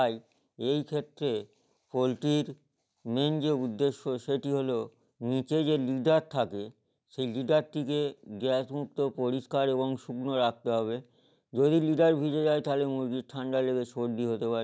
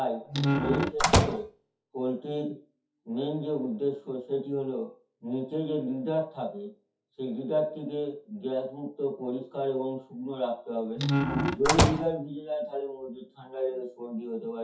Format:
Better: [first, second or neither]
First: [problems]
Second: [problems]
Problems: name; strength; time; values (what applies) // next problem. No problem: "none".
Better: first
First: none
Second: noise reduction (classical method WPE with log-MMSE)